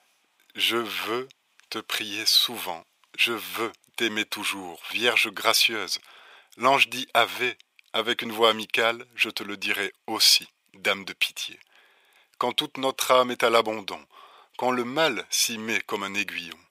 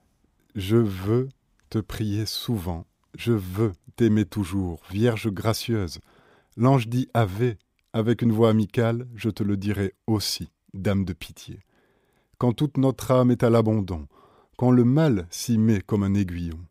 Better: second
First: thin; very; fading below 850 Hz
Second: none

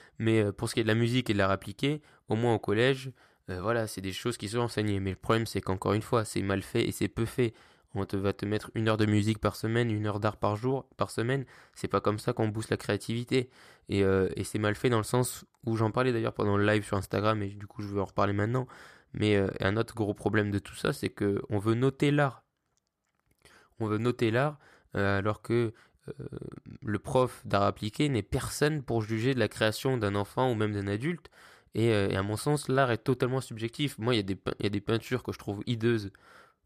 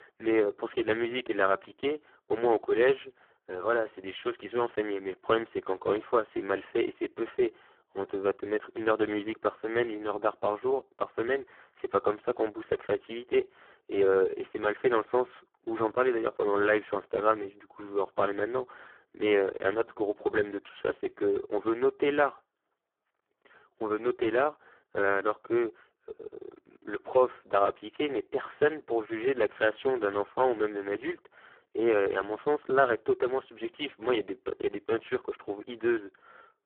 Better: first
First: none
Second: phone-call audio; poor line

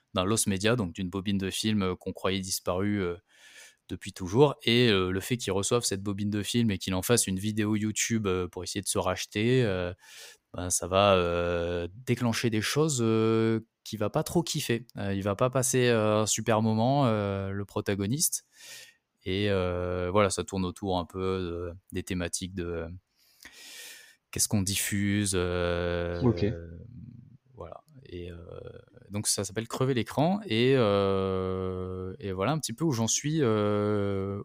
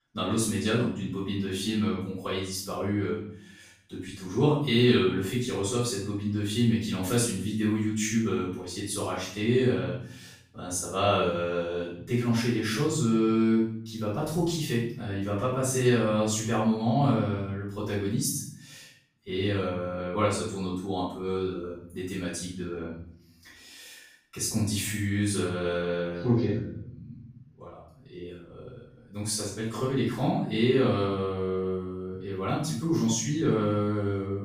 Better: first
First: none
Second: off-mic speech; far // room echo; noticeable; dies away in 0.6 s

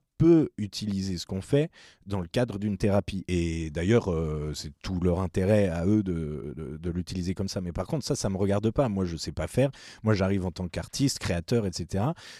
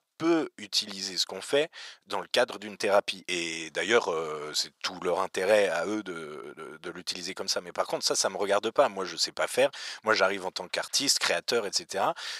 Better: first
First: none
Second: thin; very; fading below 750 Hz

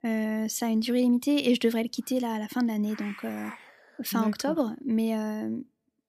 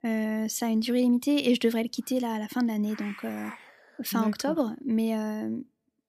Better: neither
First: hiss; noticeable; from 1 to 2 s and from 3 to 5 s; 20 dB below the speech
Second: hiss; noticeable; from 1 to 2 s and from 3 to 5 s; 20 dB below the speech

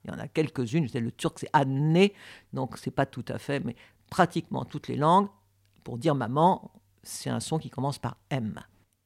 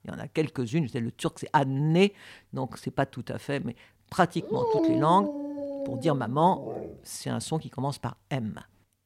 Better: first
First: none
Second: dog barking; loud; from 4.5 to 7 s; peak 4 dB above the speech

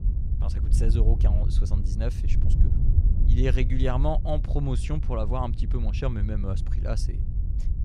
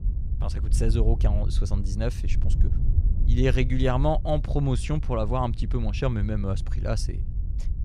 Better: second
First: wind noise on the microphone; heavy; 9 dB below the speech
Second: wind noise on the microphone; occasional gusts; 15 dB below the speech

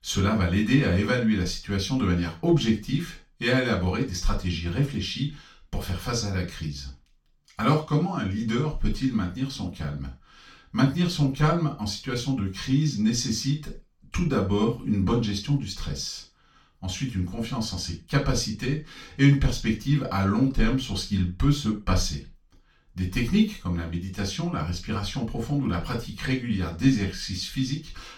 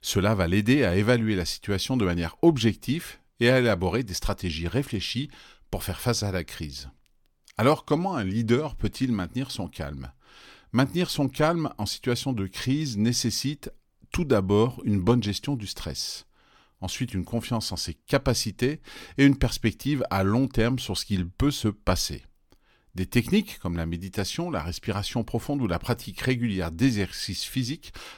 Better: second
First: room echo; slight; dies away in 0.3 s // off-mic speech; far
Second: none

